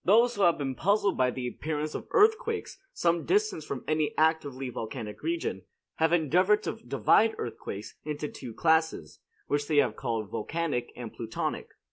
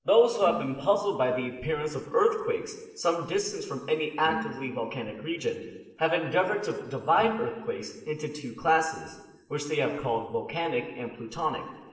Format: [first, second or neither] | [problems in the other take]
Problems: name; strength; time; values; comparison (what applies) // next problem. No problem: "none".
first | noise reduction (neural separator model SepFormer DNS4)